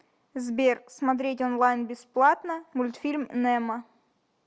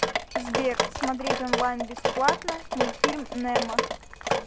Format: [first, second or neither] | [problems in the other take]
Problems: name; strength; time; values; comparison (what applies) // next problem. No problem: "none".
first | background sound (Drip); 3 dB above the speech